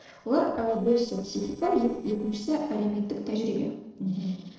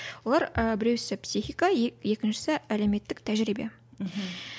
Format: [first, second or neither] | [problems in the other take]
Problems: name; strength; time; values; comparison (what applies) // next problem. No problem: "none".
second | noise reduction (neural separator model SepFormer DNS4)